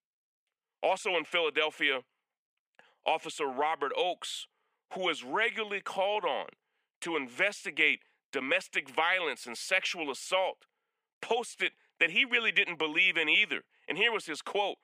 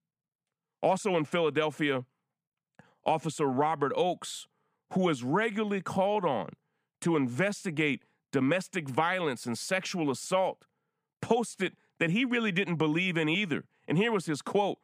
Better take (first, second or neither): second